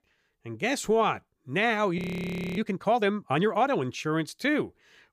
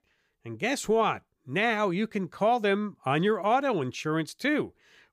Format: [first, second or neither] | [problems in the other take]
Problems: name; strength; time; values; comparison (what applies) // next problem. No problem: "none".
second | audio freezing; at 2 s for 0.5 s